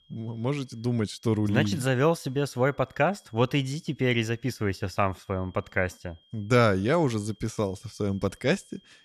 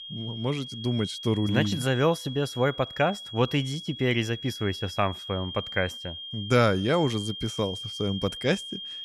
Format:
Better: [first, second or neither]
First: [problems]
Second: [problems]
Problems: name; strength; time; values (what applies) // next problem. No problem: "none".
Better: first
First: high-pitched whine; faint; throughout; 3 kHz, 35 dB below the speech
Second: high-pitched whine; loud; throughout; 3 kHz, 9 dB below the speech